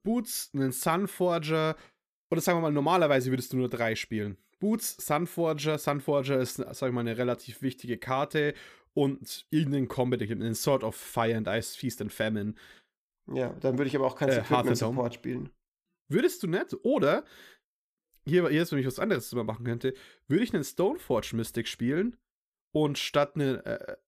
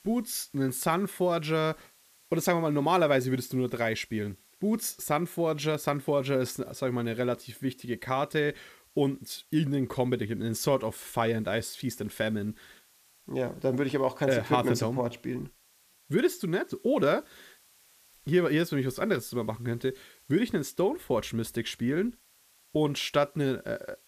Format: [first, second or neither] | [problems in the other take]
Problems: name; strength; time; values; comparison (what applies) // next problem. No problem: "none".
first | hiss; faint; throughout; 30 dB below the speech